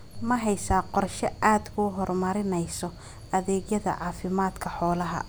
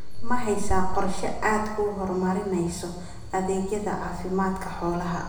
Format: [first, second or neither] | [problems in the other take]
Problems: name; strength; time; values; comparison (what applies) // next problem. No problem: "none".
first | room echo; dies away in 0.9 s